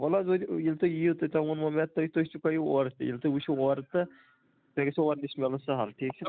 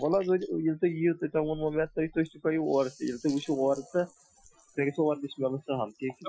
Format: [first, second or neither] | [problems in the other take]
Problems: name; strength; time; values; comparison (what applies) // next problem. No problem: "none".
first | noise reduction (classical method Wiener filter)